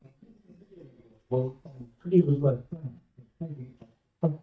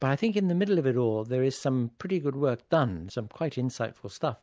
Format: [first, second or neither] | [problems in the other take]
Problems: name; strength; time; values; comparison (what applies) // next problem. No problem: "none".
second | noise reduction (neural mask model DeepFilterNet 3)